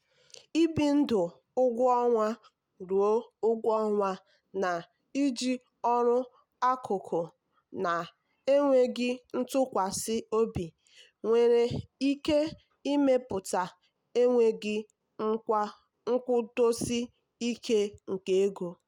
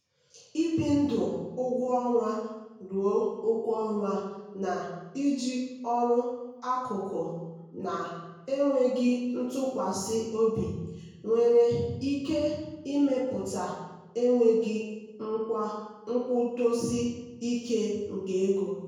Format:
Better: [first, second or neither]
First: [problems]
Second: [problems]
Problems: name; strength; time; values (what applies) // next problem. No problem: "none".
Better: first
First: none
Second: room echo; dies away in 1 s